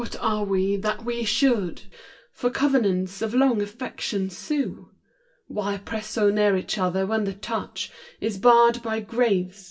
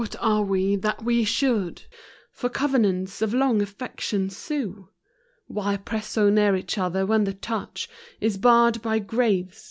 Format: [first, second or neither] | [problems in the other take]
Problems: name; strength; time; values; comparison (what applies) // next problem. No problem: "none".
second | room echo; dies away in 0.2 s